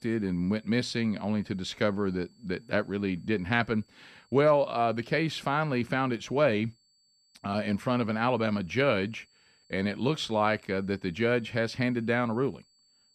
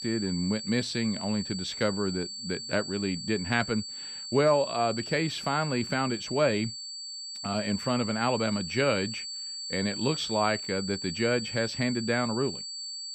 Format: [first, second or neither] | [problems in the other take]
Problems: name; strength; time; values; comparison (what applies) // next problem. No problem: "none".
first | high-pitched whine; loud; throughout; 4.5 kHz, 6 dB below the speech; faint in the first